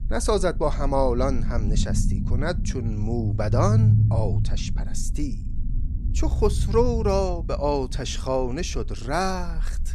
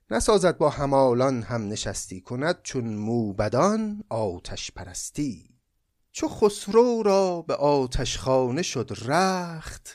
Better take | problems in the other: second | low rumble; noticeable; throughout; 15 dB below the speech

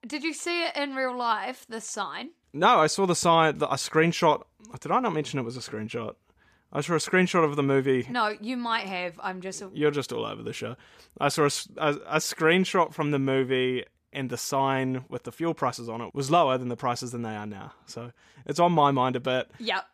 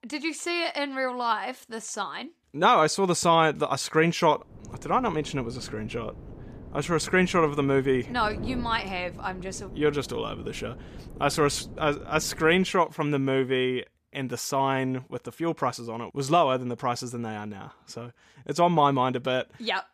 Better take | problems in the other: first | wind noise on the microphone; occasional gusts; from 4.5 to 13 s; 25 dB below the speech

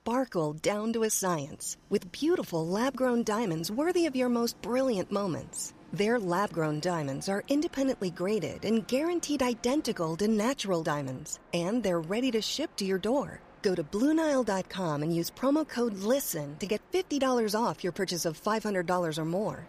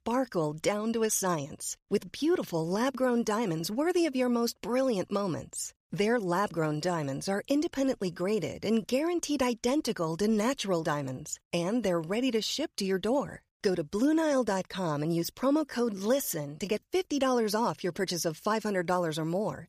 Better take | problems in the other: second | train or aircraft noise; faint; throughout; 25 dB below the speech

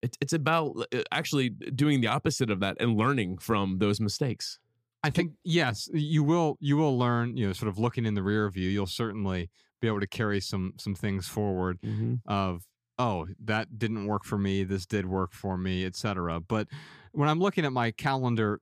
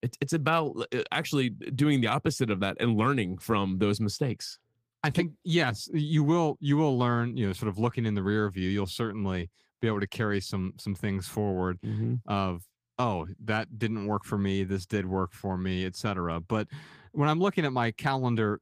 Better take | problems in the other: first | garbled, watery; slightly; nothing above 15 kHz

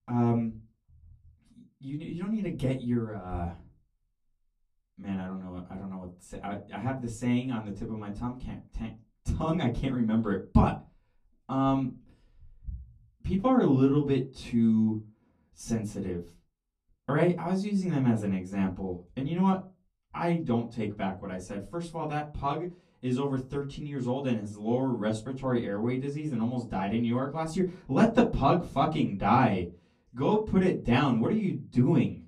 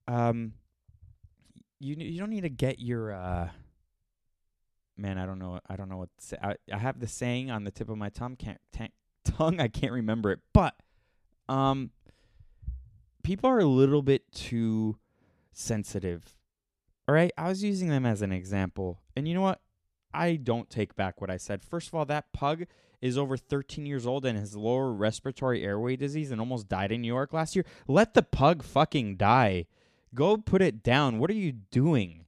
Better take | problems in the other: second | off-mic speech; far // room echo; very slight; dies away in 0.2 s

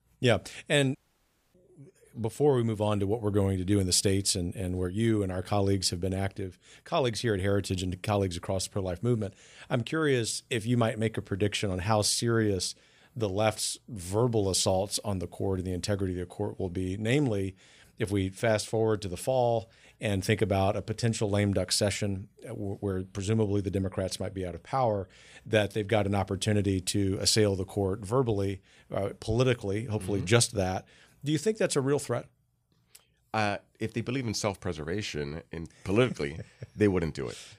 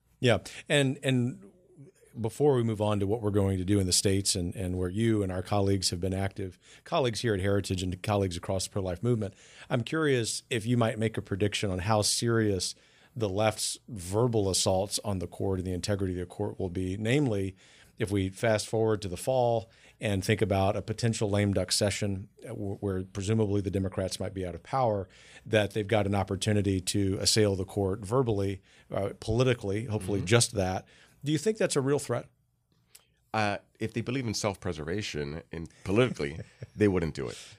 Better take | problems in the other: second | audio cutting out; at 1 s for 0.5 s

